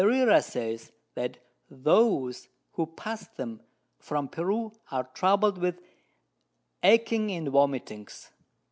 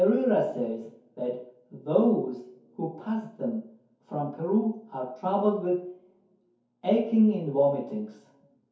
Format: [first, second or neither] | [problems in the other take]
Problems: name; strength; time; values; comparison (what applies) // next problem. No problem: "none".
first | room echo; dies away in 0.6 s